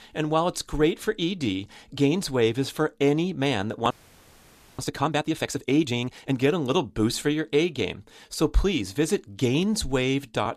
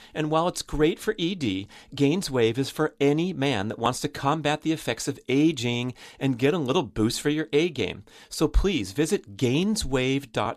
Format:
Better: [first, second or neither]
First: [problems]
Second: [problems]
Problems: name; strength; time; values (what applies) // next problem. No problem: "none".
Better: second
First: audio freezing; at 4 s for 1 s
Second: none